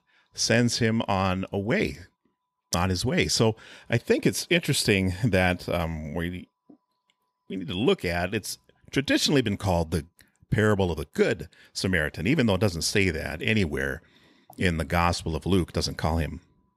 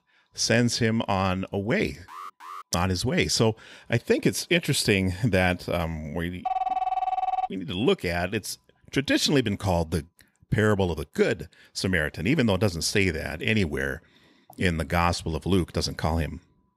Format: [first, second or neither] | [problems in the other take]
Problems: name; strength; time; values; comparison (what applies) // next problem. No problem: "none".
first | alarm; faint; at 2 s; peak 15 dB below the speech // phone ringing; noticeable; from 6.5 to 7.5 s; peak 1 dB below the speech